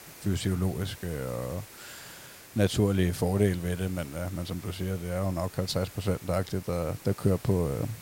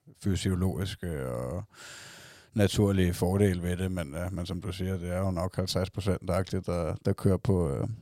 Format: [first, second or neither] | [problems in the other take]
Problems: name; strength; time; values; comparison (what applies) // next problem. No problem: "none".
second | hiss; noticeable; throughout; 15 dB below the speech